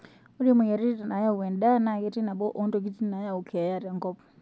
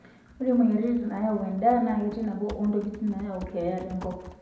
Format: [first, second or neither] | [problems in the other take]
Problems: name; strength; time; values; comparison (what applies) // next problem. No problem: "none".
first | background sound (Typing); 19 dB below the speech // room echo; dies away in 0.7 s